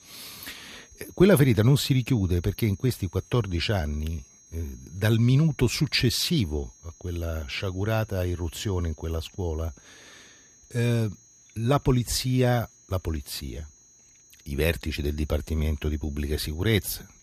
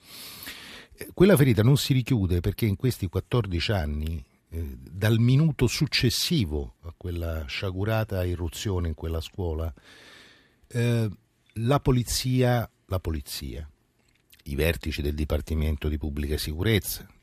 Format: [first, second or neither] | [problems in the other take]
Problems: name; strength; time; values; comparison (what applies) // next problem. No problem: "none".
second | high-pitched whine; faint; throughout; 6.5 kHz, 25 dB below the speech